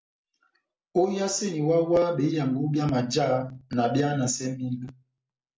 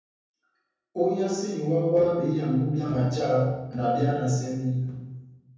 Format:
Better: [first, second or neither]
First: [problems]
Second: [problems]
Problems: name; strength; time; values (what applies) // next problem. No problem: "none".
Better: first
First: none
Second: room echo; dies away in 1.1 s